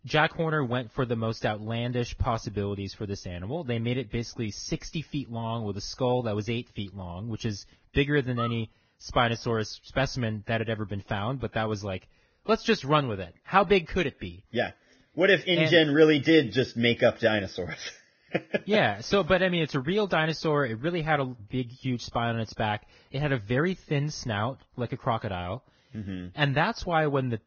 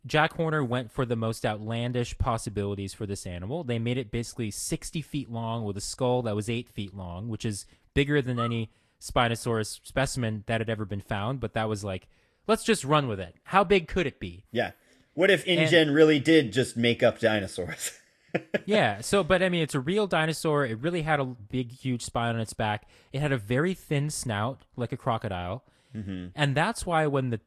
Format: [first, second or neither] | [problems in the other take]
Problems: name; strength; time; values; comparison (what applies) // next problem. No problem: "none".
second | garbled, watery; badly; nothing above 6.5 kHz; slightly in the second